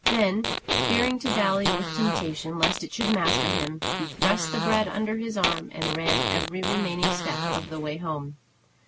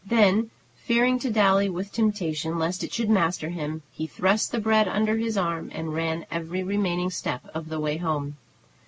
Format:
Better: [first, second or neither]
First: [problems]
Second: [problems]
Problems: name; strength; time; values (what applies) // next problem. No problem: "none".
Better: second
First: background sound (Fart); 1 dB above the speech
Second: none